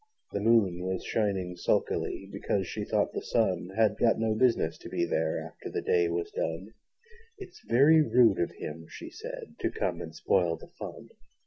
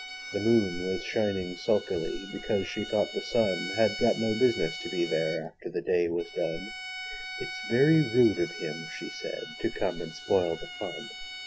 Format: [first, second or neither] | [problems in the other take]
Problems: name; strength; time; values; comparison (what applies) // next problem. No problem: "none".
first | background sound (Bowed string instrument); 11 dB below the speech